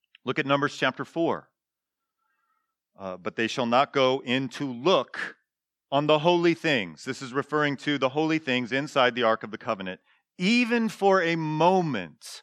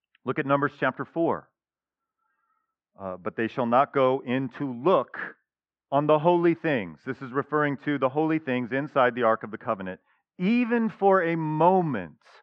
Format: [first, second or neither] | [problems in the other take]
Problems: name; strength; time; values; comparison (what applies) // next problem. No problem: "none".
first | muffled; very; fading above 1.5 kHz